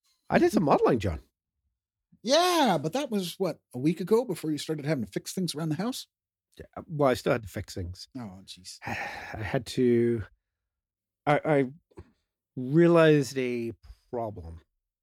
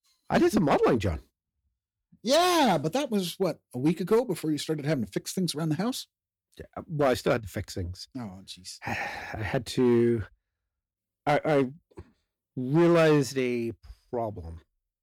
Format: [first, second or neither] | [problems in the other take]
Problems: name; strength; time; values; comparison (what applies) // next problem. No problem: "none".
first | distortion; slight; 3% of the sound clipped